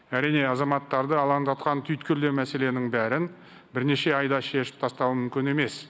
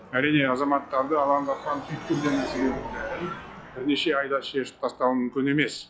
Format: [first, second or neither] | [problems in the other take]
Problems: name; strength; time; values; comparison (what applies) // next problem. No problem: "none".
first | noise reduction (classical method log-MMSE)